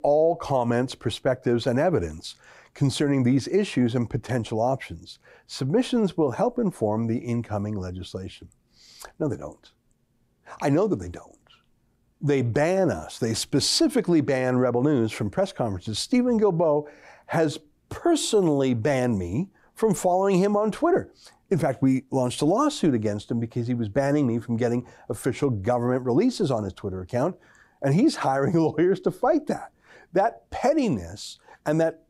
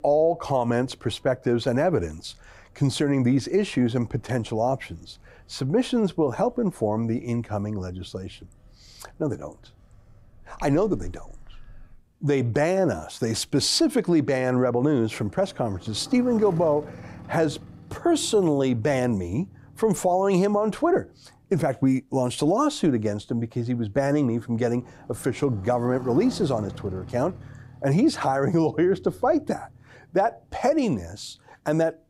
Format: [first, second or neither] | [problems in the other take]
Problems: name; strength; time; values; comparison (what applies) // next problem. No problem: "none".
first | traffic noise; faint; throughout; 20 dB below the speech